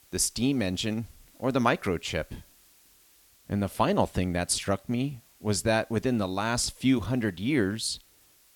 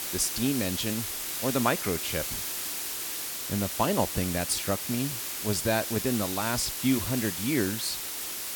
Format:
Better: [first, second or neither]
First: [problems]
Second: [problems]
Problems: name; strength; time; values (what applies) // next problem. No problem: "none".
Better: first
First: hiss; faint; throughout; 30 dB below the speech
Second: hiss; loud; throughout; 2 dB below the speech